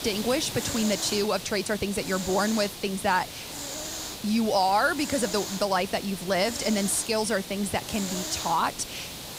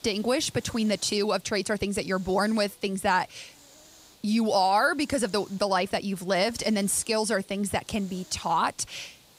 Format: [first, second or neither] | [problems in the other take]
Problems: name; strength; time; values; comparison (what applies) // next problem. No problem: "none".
second | hiss; loud; throughout; 7 dB below the speech; faint in the second